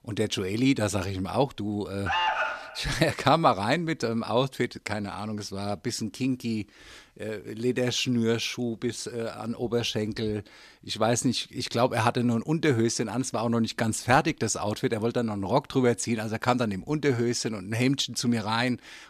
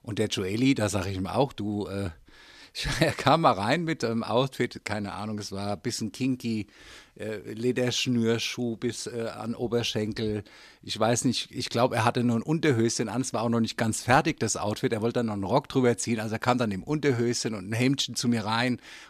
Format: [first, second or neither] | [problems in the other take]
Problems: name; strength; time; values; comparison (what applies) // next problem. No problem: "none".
second | alarm; loud; at 2 s; peak 2 dB above the speech